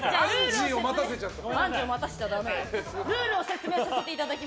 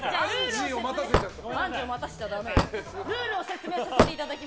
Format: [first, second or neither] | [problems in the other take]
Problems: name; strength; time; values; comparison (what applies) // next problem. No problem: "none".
first | background sound (Hammer / Wood); as loud as the speech